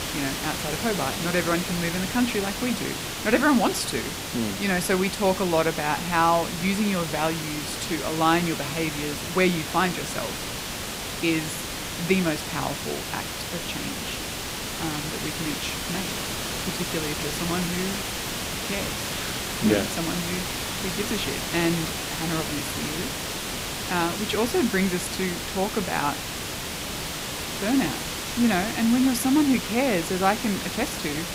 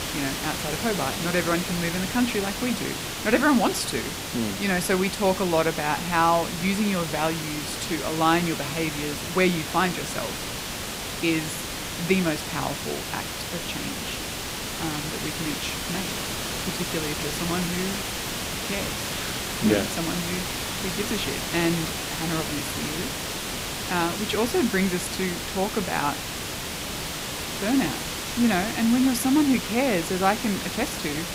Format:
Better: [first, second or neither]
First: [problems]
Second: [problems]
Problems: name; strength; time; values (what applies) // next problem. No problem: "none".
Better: neither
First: hiss; loud; throughout; 3 dB below the speech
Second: hiss; loud; throughout; 3 dB below the speech